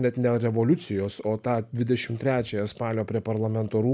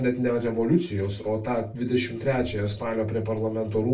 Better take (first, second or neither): first